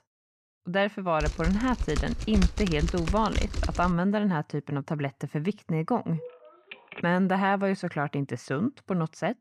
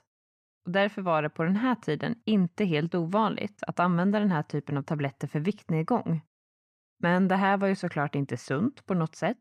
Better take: second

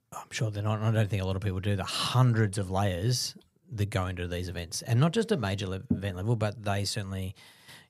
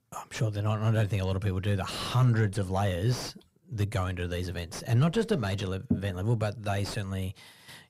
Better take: first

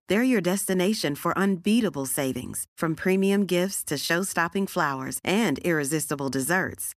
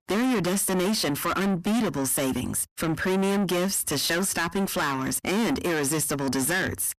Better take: first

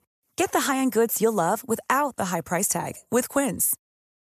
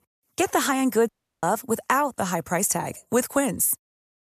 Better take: first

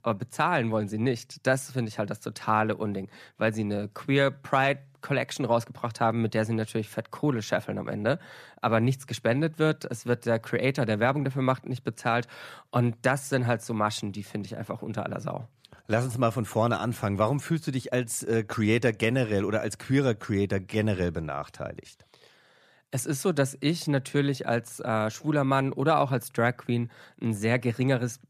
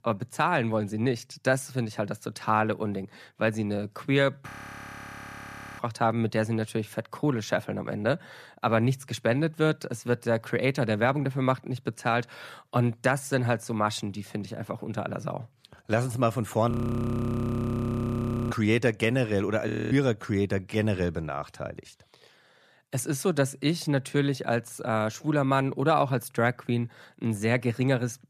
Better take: first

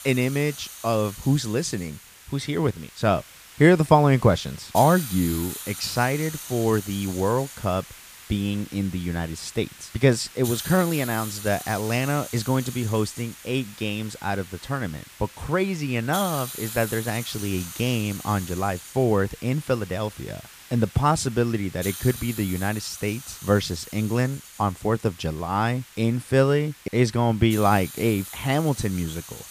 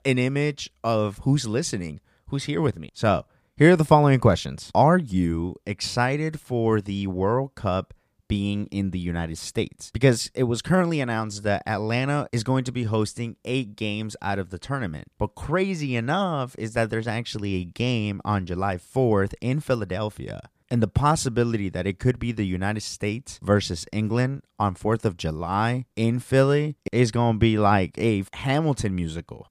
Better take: second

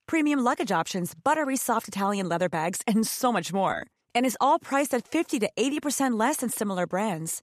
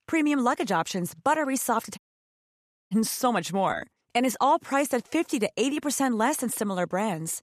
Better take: first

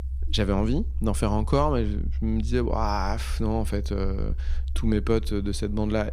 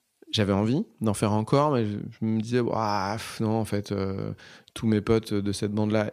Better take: second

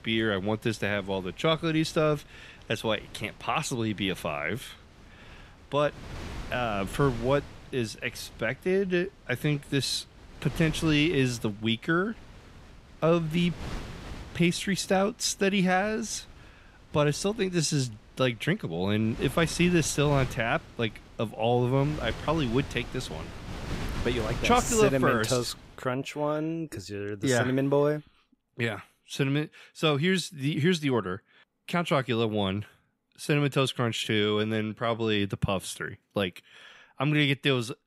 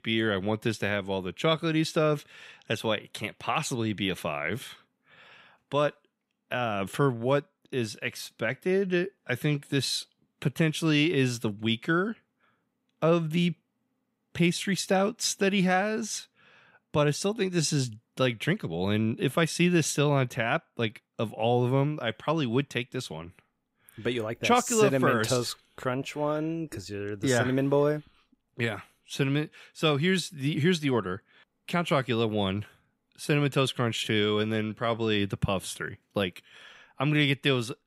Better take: second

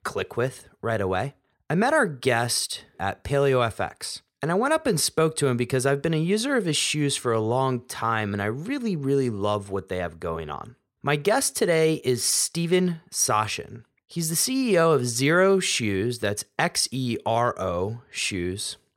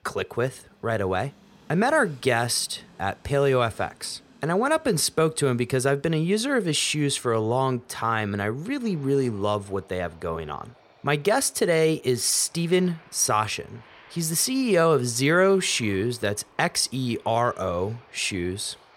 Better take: first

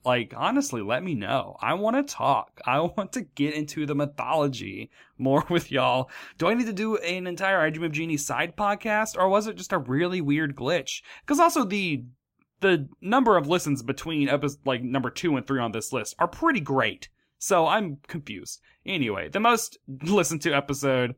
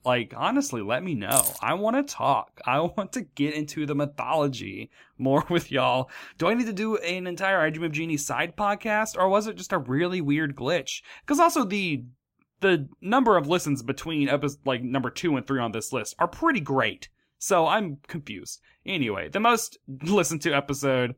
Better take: first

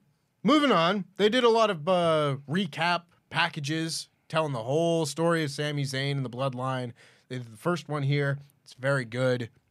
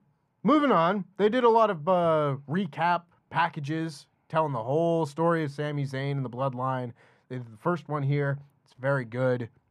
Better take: first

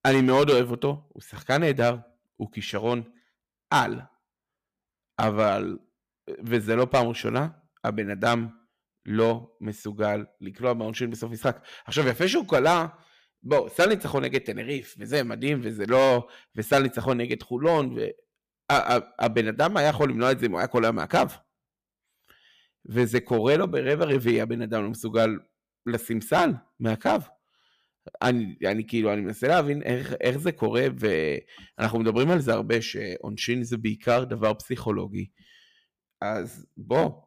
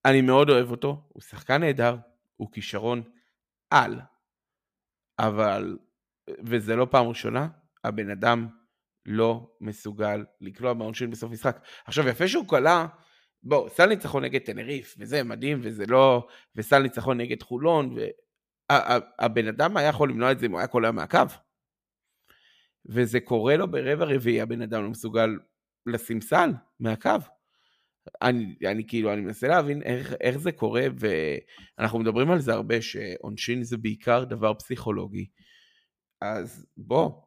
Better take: second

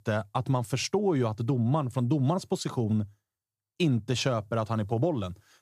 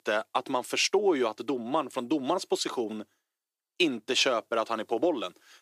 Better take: first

